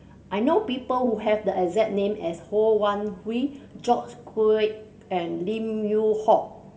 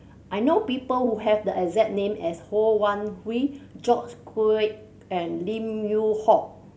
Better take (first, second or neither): second